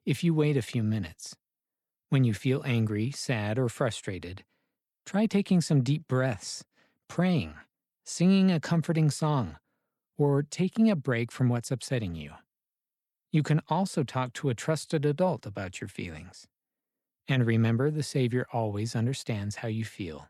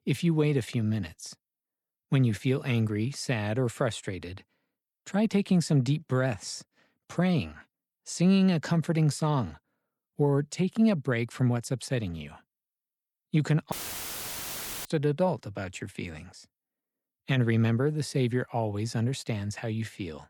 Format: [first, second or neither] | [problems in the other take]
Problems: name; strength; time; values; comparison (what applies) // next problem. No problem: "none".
first | audio cutting out; filled with static; at 14 s for 1 s